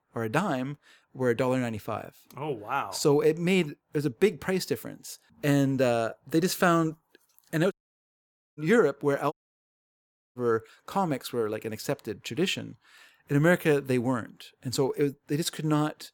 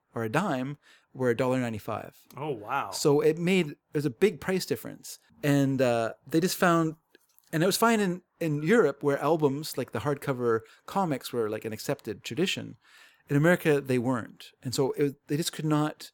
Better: second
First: audio cutting out; at 7.5 s for 1 s and at 9.5 s for 1 s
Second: none

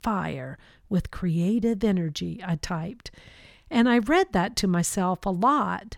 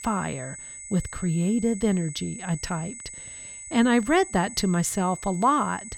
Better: first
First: none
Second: high-pitched whine; noticeable; throughout; 8 kHz, 15 dB below the speech

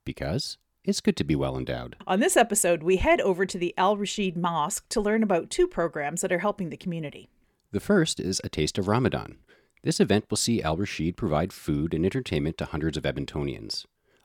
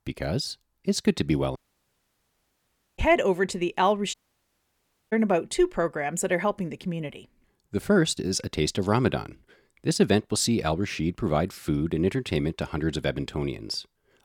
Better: first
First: none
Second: audio cutting out; at 1.5 s for 1.5 s and at 4 s for 1 s

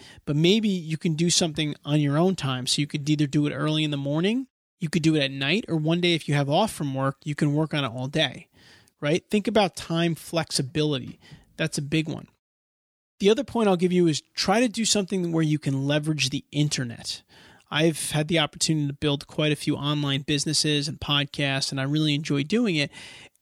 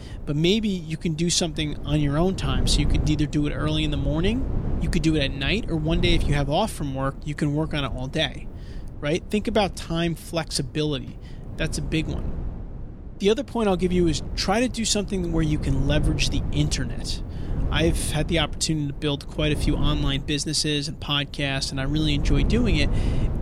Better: first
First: none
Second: wind noise on the microphone; occasional gusts; 15 dB below the speech

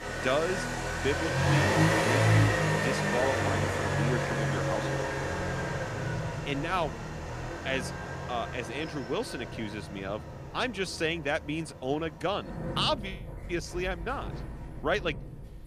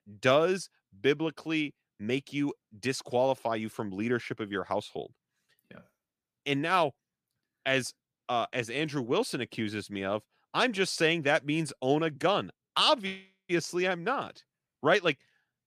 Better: second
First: traffic noise; very loud; throughout; 3 dB above the speech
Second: none

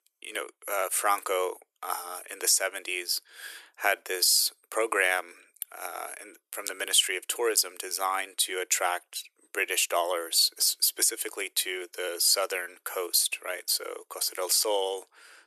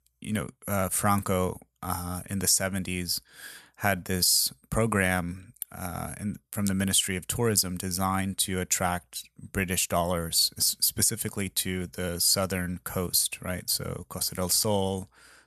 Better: second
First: thin; very; fading below 350 Hz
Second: none

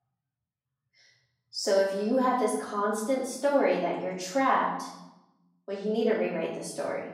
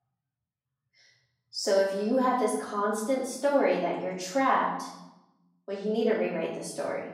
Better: neither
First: off-mic speech; far // room echo; noticeable; dies away in 0.9 s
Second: off-mic speech; far // room echo; noticeable; dies away in 0.9 s

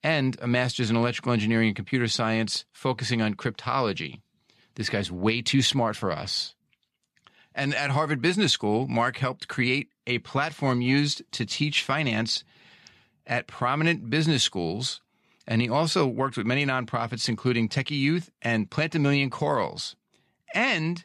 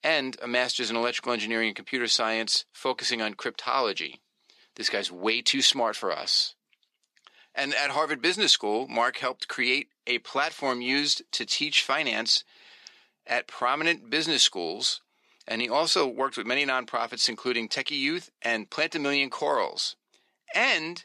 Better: first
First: none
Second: thin; somewhat; fading below 350 Hz

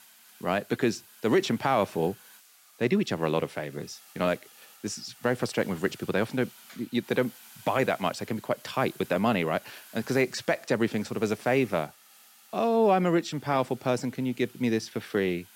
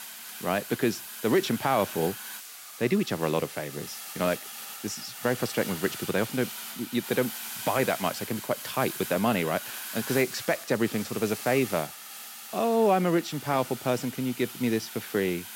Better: first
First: hiss; faint; throughout; 20 dB below the speech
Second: hiss; loud; throughout; 9 dB below the speech

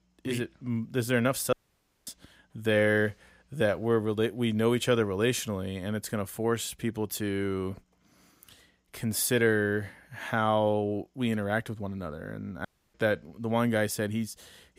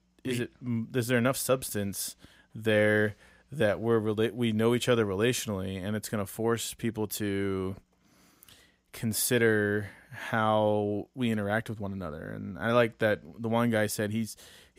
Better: second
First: audio cutting out; at 1.5 s for 0.5 s and at 13 s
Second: none

